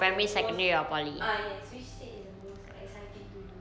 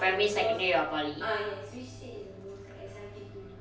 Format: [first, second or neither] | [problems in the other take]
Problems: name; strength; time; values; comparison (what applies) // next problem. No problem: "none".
first | room echo; dies away in 0.3 s